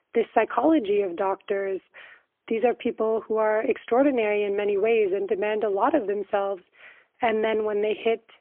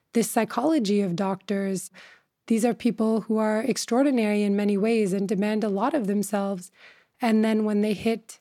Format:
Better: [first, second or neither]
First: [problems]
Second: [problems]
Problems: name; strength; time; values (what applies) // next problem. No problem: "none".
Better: second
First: phone-call audio; poor line; nothing above 3 kHz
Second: none